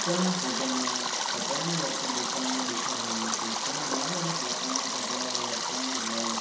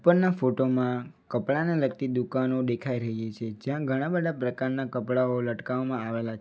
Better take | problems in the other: second | background sound (Stream); 4 dB above the speech // room echo; dies away in 0.7 s

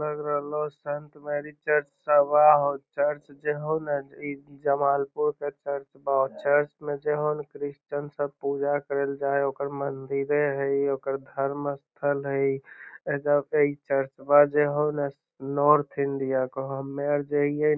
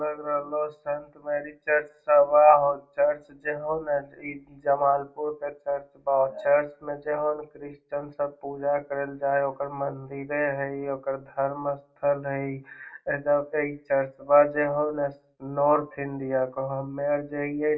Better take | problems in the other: first | room echo; dies away in 0.2 s

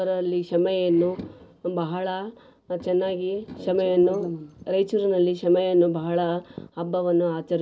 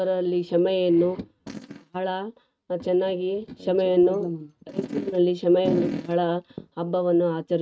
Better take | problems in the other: first | noise reduction (neural mask model RNNoise)

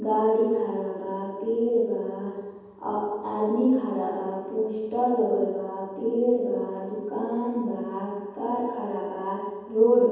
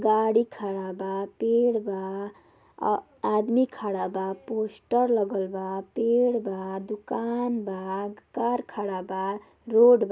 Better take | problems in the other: second | room echo; dies away in 1.2 s

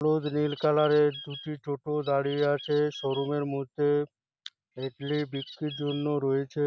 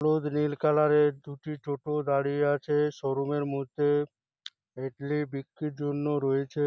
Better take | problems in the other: second | background sound (Bird); 17 dB below the speech

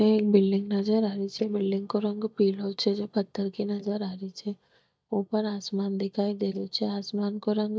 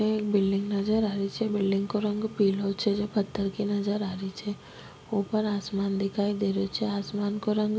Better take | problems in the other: second | noise reduction (neural mask model DeepFilterNet 3)

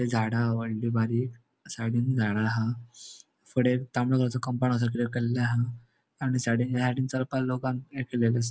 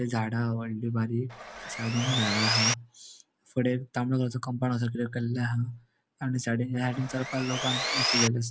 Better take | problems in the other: first | background sound (Sawing); as loud as the speech

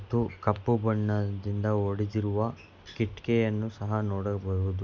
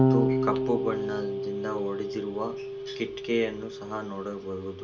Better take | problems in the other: first | background sound (Electric guitar / Bass guitar); 3 dB above the speech // room echo; dies away in 0.2 s

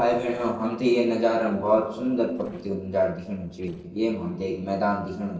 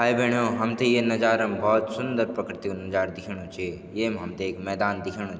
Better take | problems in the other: second | noise reduction (neural separator model SepFormer DNS4)

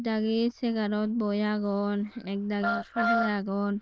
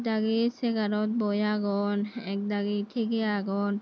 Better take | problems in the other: second | noise reduction (neural diffusion model UNIVERSE++)

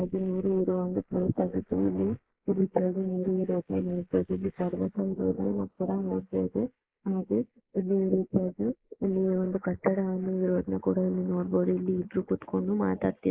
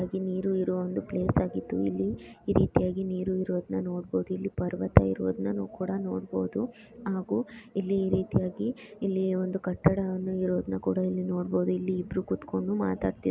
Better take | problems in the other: second | noise reduction (neural mask model Resemble Enhance denoiser)

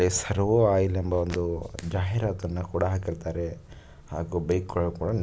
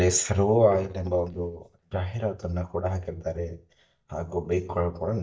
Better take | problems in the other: first | noise reduction (neural mask model DeepFilterNet 3)

